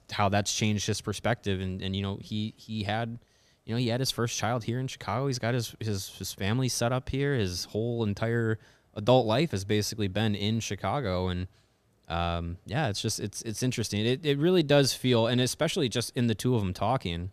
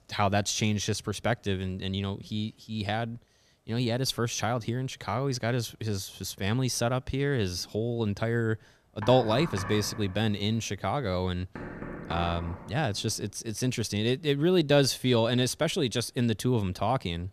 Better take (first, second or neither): first